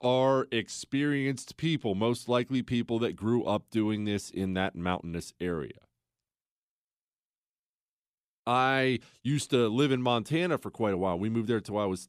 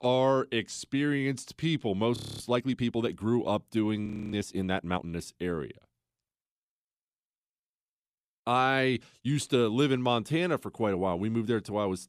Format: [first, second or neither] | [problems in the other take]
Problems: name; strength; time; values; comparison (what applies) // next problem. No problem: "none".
first | audio freezing; at 2 s and at 4 s